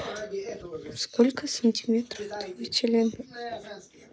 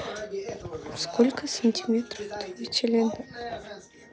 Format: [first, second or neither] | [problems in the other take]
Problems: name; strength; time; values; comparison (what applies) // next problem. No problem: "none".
second | noise reduction (neural mask model Resemble Enhance denoiser)